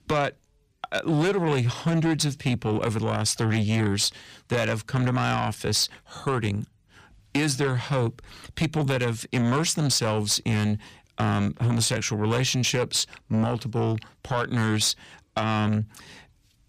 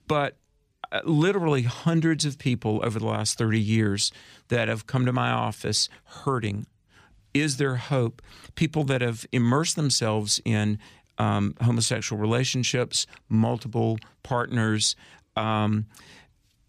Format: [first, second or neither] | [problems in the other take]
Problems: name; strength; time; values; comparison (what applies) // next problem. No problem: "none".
second | distortion; slight; 10 dB below the speech